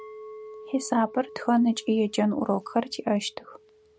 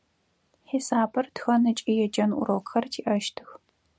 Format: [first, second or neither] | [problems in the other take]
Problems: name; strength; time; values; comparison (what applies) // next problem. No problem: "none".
second | background sound (Chink, clink); 19 dB below the speech